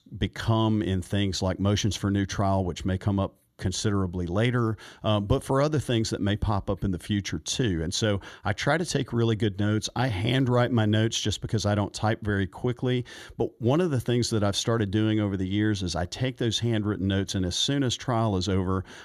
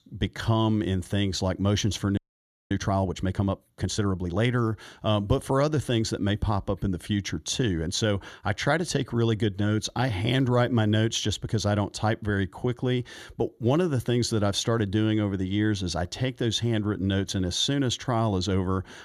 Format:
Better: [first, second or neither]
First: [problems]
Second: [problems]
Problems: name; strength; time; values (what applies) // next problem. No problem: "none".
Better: first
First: none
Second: audio freezing; at 2 s for 0.5 s